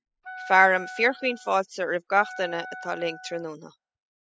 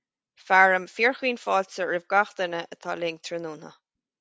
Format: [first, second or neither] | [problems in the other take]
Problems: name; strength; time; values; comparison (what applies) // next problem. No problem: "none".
second | noise reduction (classical method spectral subtraction)